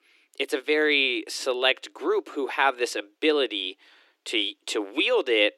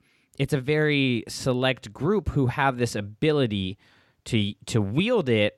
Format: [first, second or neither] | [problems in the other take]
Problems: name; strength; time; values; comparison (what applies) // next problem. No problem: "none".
second | thin; very; fading below 300 Hz